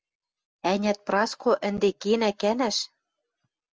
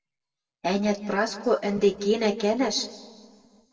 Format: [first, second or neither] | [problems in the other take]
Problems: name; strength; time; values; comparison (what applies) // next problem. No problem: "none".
first | room echo; dies away in 1.5 s